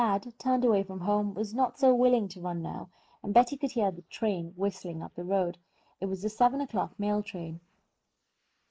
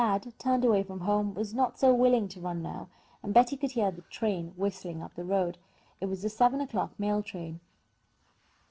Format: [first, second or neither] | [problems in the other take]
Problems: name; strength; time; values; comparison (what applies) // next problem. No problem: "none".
second | noise reduction (neural mask model Resemble Enhance denoiser)